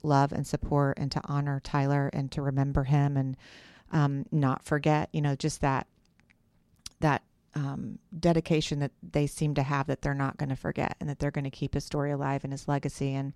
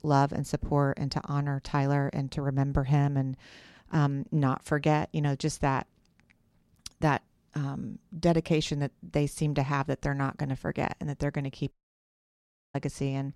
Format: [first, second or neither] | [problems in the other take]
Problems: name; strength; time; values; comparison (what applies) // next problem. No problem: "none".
first | audio cutting out; at 12 s for 1 s